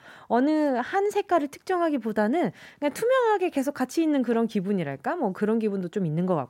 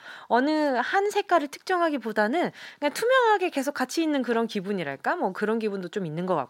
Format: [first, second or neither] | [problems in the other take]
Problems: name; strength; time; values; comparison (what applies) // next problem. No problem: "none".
first | thin; very slightly; fading below 350 Hz